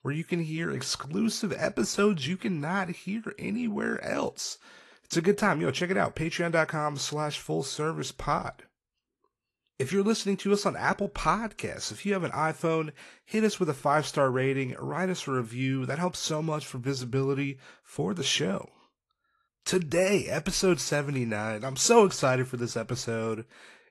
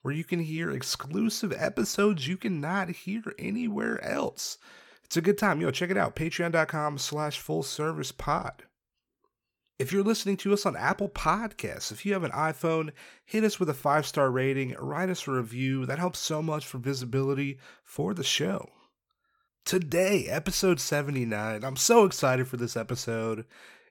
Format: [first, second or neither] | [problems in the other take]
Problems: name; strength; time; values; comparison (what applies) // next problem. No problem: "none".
second | garbled, watery; slightly; nothing above 11.5 kHz